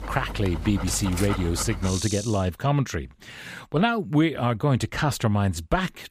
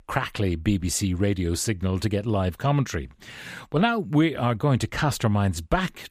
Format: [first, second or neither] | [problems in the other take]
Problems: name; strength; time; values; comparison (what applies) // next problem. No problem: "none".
second | animal sounds; loud; until 2.5 s; 8 dB below the speech